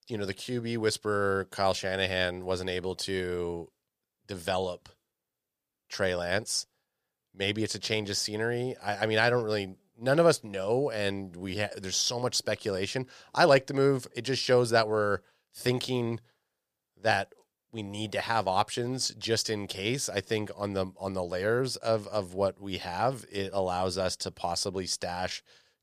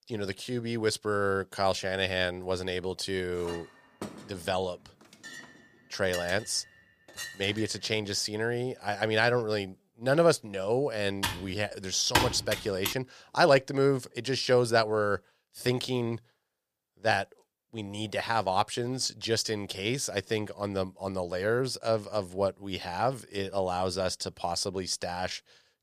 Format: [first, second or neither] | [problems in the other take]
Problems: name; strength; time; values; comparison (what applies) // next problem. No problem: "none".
first | clattering dishes; noticeable; from 3.5 to 7.5 s; peak 9 dB below the speech // keyboard typing; loud; from 11 to 13 s; peak 2 dB above the speech